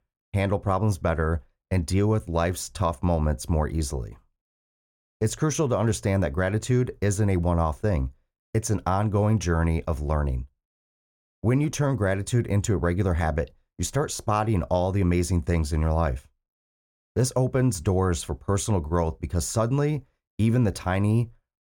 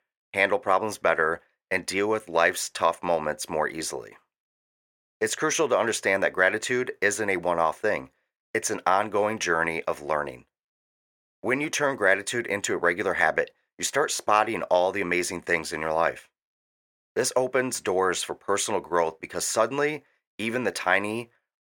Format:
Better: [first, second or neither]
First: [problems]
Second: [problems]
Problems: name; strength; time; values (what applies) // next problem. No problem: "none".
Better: first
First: none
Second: thin; very; fading below 450 Hz